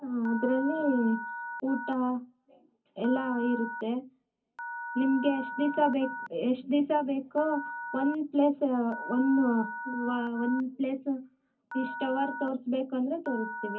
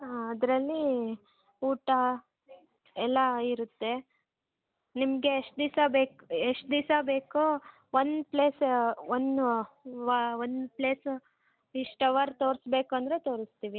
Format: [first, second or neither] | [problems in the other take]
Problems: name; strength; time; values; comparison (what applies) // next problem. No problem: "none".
second | background sound (Telephone); 11 dB below the speech // room echo; dies away in 0.4 s